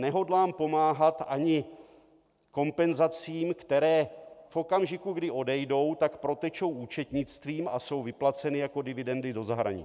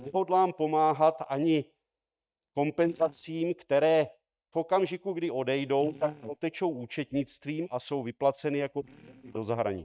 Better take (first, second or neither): first